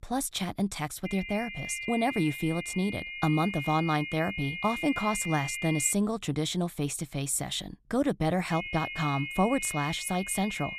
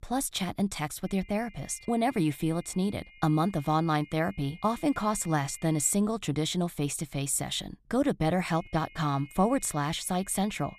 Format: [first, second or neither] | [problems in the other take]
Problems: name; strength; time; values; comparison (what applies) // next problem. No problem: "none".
second | high-pitched whine; loud; from 1 to 6 s and from 8.5 s on; 2 kHz, 6 dB below the speech; faint in the second